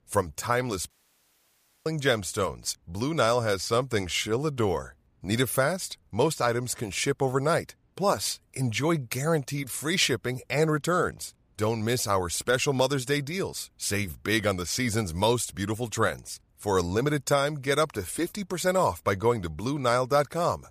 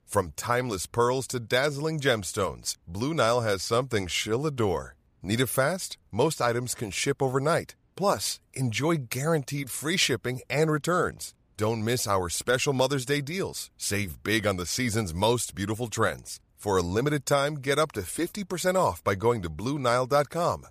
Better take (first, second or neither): second